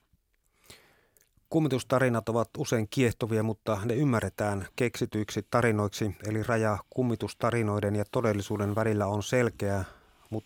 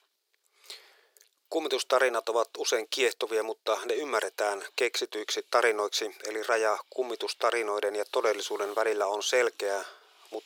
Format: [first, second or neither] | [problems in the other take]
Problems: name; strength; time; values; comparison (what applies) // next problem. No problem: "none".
first | thin; very; fading below 400 Hz